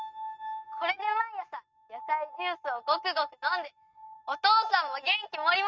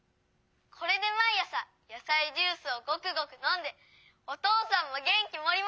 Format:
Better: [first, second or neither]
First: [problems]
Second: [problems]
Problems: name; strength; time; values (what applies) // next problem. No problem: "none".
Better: second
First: noise reduction (neural mask model RNNoise)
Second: none